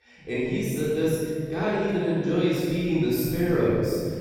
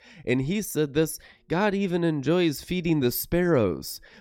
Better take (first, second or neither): second